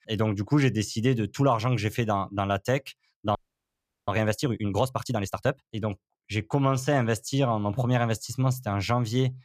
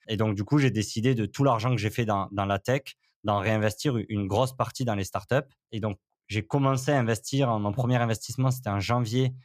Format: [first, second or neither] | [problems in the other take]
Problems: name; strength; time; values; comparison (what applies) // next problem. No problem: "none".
second | audio freezing; at 3.5 s for 0.5 s